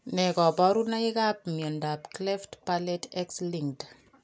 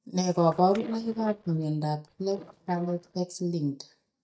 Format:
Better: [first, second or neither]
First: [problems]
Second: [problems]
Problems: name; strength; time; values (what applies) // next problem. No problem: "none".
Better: first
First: none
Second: noise reduction (neural mask model DeepFilterNet 3)